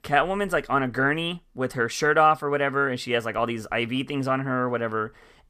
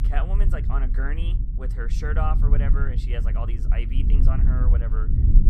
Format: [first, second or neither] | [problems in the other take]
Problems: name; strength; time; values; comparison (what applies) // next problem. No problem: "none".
first | low rumble; loud; throughout; 6 dB below the speech